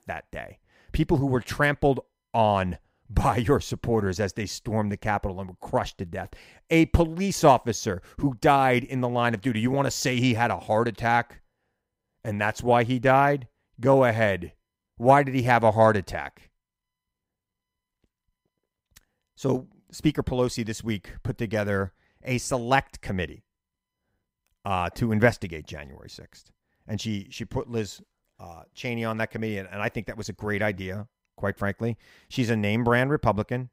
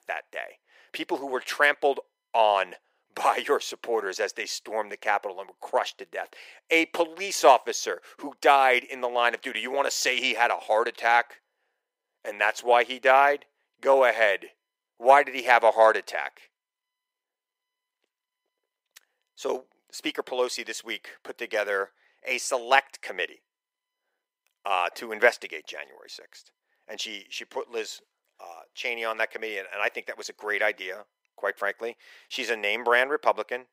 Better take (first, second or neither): first